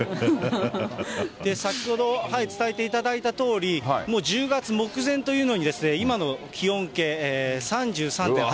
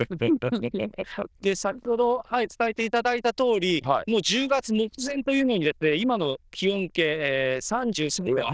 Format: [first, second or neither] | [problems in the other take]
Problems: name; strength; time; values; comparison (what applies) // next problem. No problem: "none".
first | noise reduction (neural diffusion model UNIVERSE++)